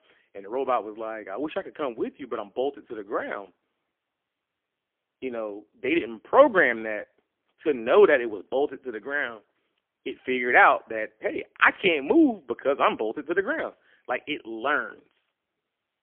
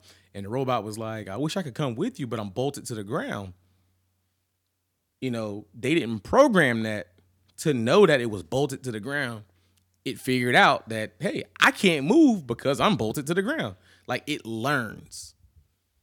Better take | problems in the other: second | phone-call audio; poor line; nothing above 3.5 kHz

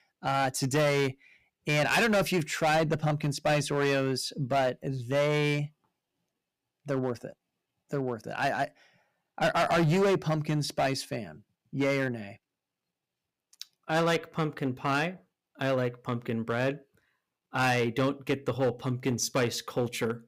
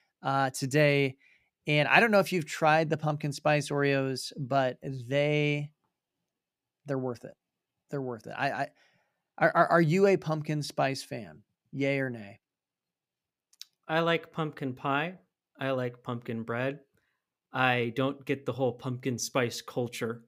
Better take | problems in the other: second | distortion; heavy; 8% of the sound clipped

